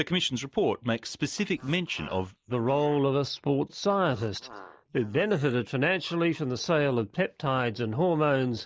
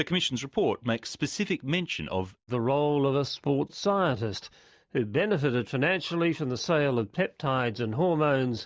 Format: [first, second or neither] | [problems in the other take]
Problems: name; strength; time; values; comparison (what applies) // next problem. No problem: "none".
second | noise reduction (neural mask model Resemble Enhance denoiser)